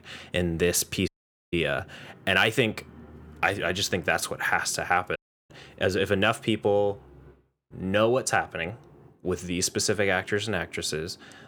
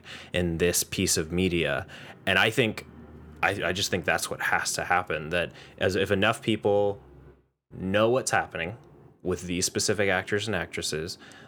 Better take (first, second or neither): second